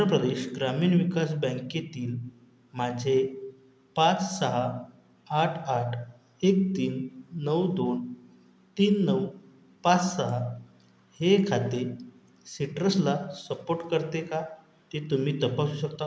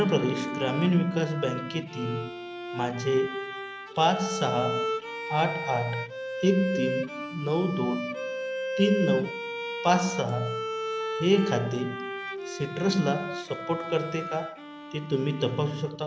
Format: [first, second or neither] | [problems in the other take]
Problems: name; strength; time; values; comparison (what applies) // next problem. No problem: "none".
first | background sound (Bowed string instrument); 6 dB below the speech